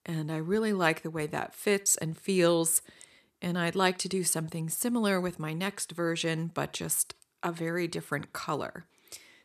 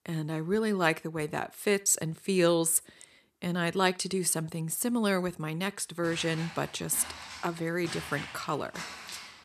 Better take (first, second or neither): first